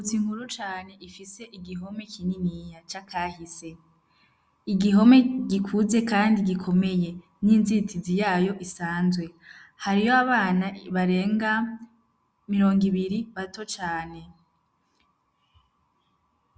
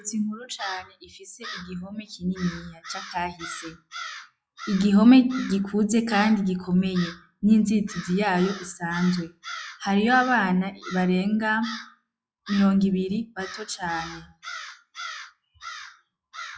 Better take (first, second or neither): first